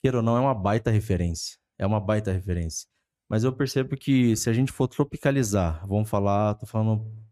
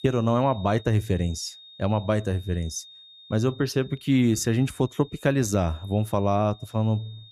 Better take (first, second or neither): first